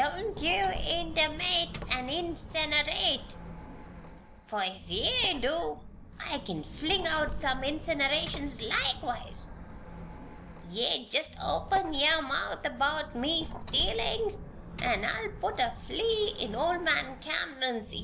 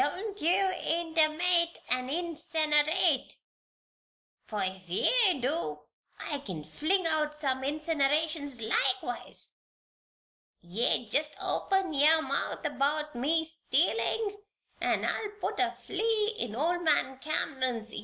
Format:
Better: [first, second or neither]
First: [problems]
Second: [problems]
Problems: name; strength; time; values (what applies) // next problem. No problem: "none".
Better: second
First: background sound (Squeak); 10 dB below the speech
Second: none